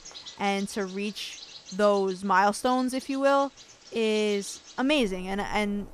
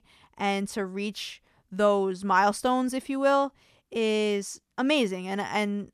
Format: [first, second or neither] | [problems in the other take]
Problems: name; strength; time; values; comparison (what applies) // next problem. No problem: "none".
second | animal sounds; noticeable; throughout; 20 dB below the speech